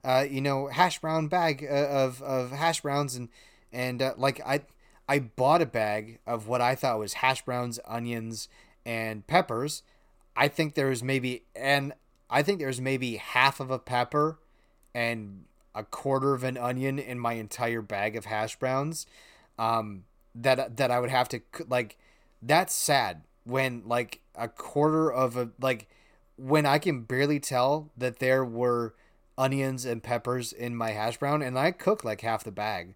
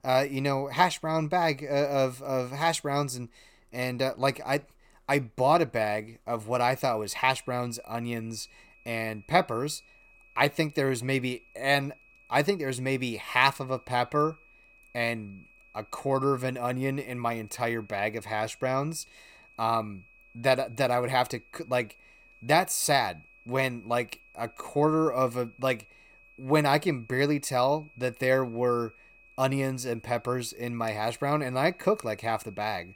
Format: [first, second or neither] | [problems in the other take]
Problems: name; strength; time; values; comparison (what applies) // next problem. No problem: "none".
first | high-pitched whine; faint; from 6.5 s on; 2.5 kHz, 25 dB below the speech